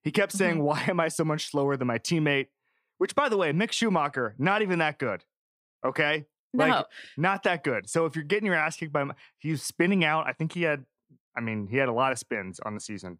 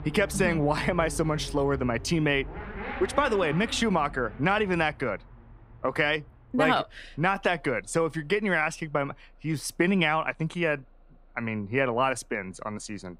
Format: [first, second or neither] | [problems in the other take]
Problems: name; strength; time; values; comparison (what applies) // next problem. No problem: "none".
first | traffic noise; noticeable; throughout; 15 dB below the speech